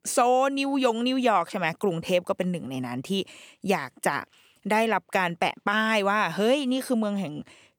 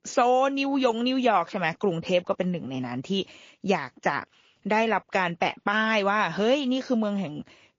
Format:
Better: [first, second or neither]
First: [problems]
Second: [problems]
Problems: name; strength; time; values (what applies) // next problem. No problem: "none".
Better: first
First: none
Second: garbled, watery; slightly